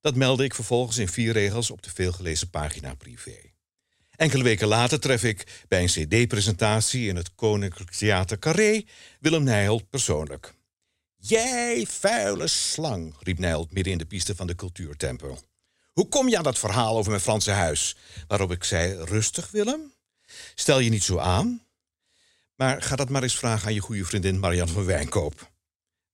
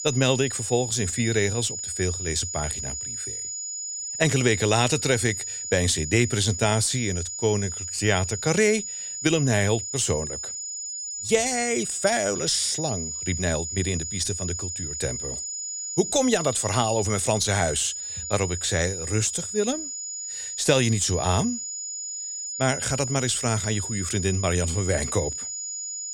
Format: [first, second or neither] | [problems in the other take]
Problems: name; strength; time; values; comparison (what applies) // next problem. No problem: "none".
first | high-pitched whine; loud; throughout; 7 kHz, 5 dB below the speech